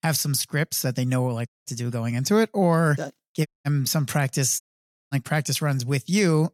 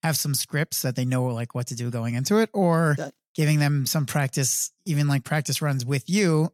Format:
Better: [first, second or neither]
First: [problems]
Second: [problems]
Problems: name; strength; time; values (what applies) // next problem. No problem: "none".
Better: second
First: audio cutting out; at 1.5 s, at 3.5 s and at 4.5 s for 0.5 s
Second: none